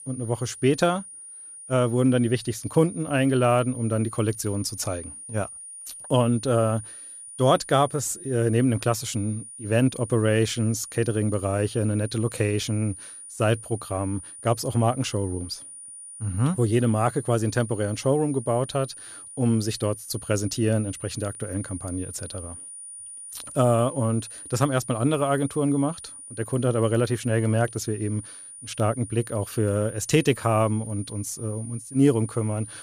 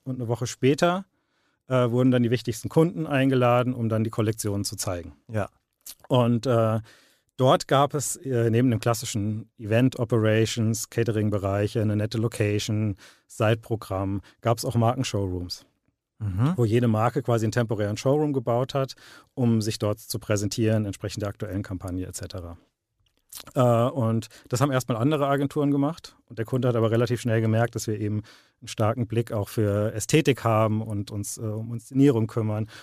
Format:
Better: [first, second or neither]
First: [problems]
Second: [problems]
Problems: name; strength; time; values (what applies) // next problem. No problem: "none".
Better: second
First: high-pitched whine; noticeable; throughout; 9.5 kHz, 15 dB below the speech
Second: none